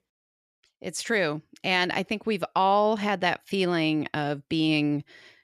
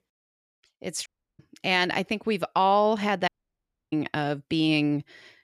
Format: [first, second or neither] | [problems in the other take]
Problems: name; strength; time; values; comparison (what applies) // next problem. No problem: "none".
first | audio cutting out; at 1 s and at 3.5 s for 0.5 s